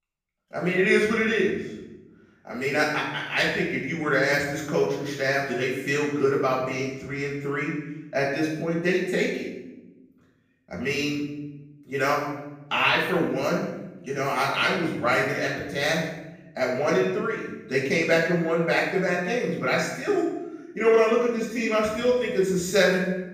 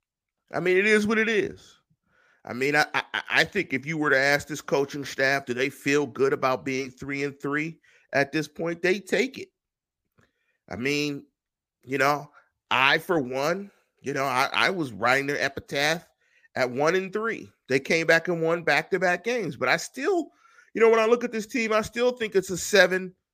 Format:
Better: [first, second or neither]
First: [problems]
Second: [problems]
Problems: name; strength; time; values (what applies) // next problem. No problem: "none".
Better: second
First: off-mic speech; far // room echo; noticeable; dies away in 0.9 s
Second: none